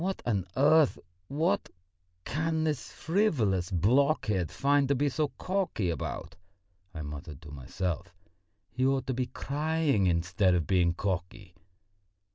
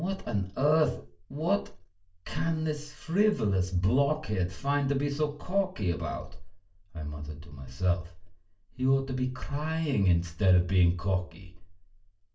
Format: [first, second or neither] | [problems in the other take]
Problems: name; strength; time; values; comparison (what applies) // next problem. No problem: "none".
first | room echo; dies away in 0.3 s